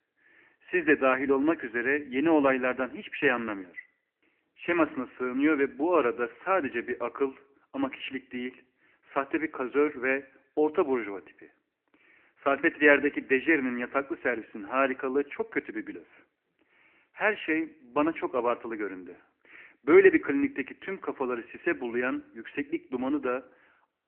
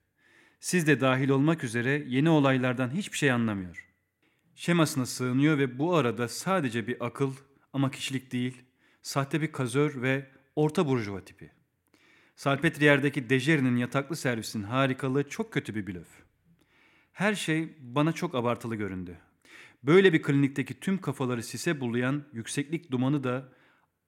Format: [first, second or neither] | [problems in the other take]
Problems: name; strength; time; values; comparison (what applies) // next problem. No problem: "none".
second | phone-call audio; nothing above 3 kHz